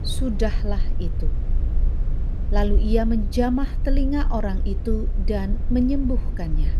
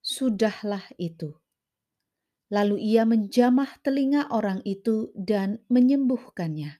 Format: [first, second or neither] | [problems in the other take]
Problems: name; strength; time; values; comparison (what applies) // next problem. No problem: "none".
second | low rumble; noticeable; throughout; 15 dB below the speech